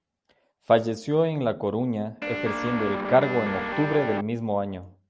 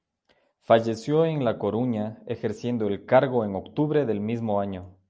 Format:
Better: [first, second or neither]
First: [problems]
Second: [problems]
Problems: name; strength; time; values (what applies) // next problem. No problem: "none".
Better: second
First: background sound (Guitar); 4 dB below the speech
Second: none